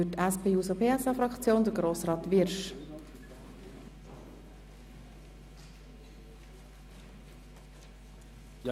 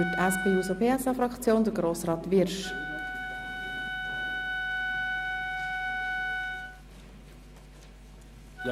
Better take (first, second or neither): first